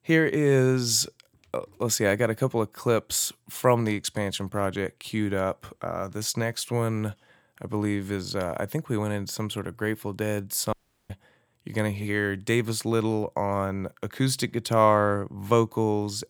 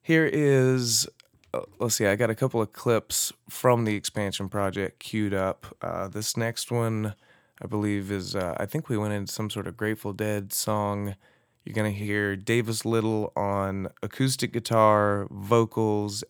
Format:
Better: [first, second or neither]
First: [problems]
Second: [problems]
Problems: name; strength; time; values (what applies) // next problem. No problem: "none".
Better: second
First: audio cutting out; at 11 s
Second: none